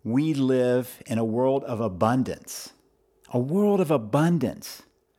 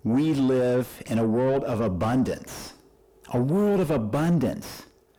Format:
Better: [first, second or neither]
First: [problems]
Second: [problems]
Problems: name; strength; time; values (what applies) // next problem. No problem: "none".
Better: first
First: none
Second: distortion; heavy; 7 dB below the speech